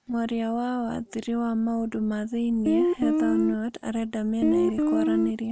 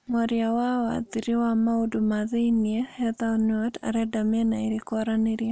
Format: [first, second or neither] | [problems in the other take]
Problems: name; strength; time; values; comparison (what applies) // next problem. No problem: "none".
second | background sound (Guitar); 3 dB above the speech